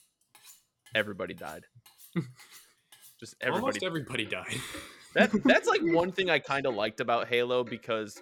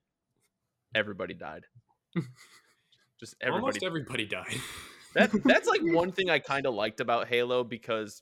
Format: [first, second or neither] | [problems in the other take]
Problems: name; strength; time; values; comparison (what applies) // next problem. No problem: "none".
second | household noises; faint; throughout; 25 dB below the speech